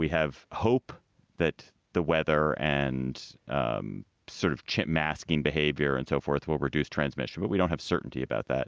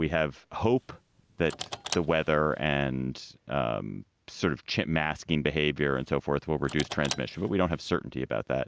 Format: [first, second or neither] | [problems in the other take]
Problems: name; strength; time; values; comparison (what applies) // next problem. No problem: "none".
first | background sound (Car); 15 dB below the speech